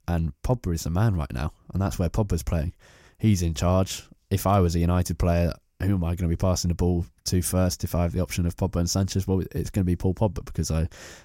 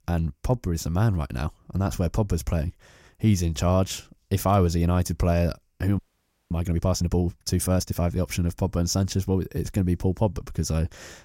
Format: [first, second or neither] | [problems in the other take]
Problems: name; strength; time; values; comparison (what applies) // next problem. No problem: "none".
first | audio freezing; at 6 s for 0.5 s